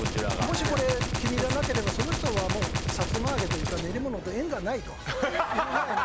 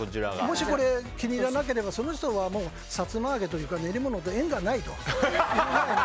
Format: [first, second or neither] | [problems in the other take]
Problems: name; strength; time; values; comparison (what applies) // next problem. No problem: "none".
second | background sound (Gunshot, gunfire); 1 dB below the speech